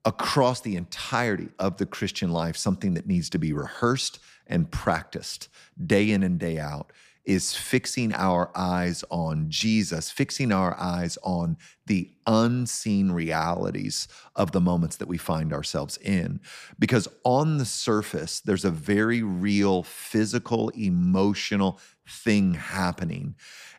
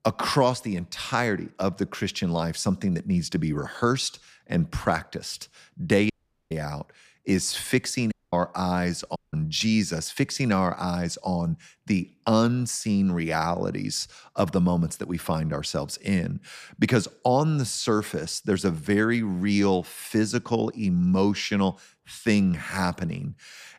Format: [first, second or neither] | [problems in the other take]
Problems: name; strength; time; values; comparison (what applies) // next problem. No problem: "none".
first | audio cutting out; at 6 s, at 8 s and at 9 s